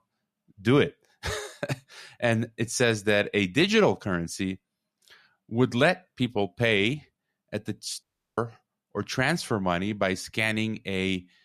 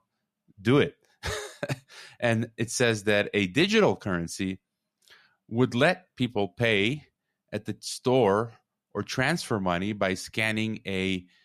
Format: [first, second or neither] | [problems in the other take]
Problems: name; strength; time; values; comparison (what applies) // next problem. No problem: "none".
second | audio cutting out; at 8 s